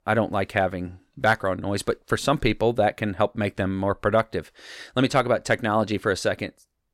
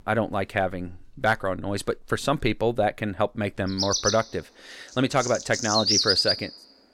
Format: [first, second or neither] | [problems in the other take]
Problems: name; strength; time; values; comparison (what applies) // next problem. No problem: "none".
first | animal sounds; very loud; throughout; 2 dB above the speech